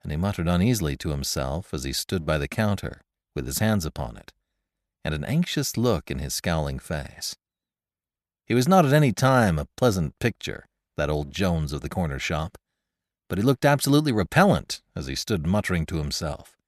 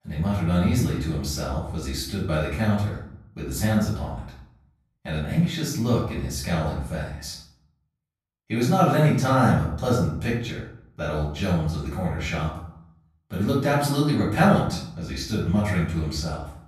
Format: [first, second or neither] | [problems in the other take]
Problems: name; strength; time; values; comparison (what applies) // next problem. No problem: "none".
first | off-mic speech; far // room echo; noticeable; dies away in 0.6 s